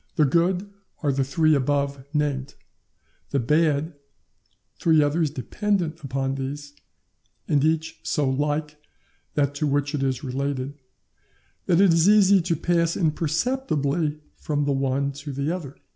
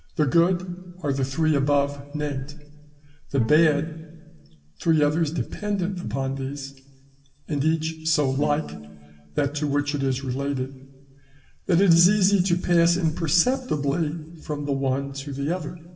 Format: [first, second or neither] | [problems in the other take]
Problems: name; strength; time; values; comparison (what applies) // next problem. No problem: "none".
first | background sound (Bowed string instrument); 17 dB below the speech // room echo; dies away in 1.1 s